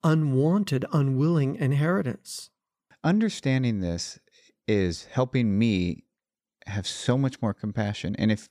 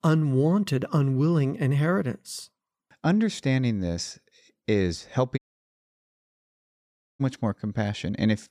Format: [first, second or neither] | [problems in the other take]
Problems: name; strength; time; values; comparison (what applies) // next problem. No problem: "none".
first | audio cutting out; at 5.5 s for 2 s